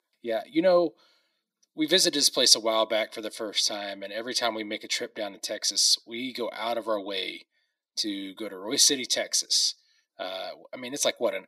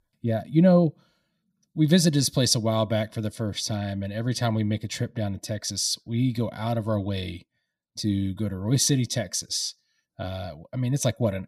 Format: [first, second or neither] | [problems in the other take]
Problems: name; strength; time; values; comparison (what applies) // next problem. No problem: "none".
second | thin; very; fading below 350 Hz